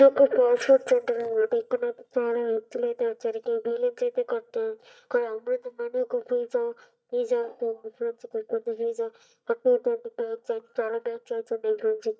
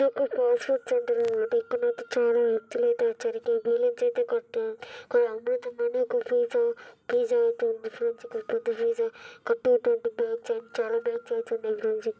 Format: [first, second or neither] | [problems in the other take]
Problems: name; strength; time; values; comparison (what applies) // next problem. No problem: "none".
second | noise reduction (neural mask model DeepFilterNet 3)